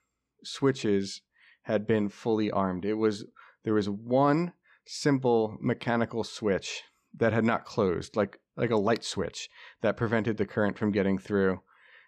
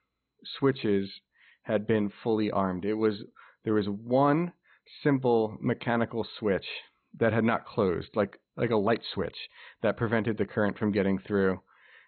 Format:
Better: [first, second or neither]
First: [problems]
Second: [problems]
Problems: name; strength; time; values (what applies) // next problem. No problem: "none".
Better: first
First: none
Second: garbled, watery; badly; nothing above 4 kHz